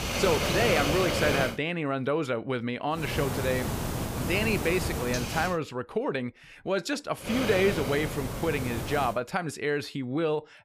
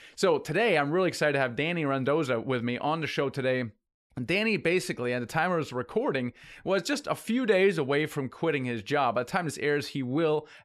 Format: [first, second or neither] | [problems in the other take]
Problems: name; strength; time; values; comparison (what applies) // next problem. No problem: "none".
second | hiss; loud; until 1.5 s, from 3 to 5.5 s and from 7.5 to 9 s; 2 dB below the speech